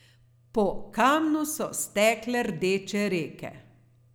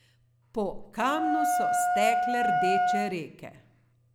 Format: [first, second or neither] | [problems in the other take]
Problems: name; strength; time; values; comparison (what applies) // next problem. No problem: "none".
first | background sound (Wind instrument, woodwind instrument); 5 dB above the speech